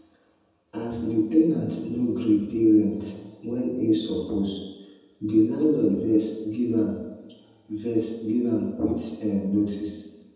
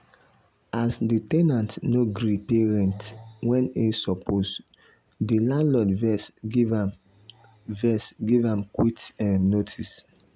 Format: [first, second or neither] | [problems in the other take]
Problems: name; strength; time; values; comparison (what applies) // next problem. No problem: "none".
second | room echo; dies away in 1.1 s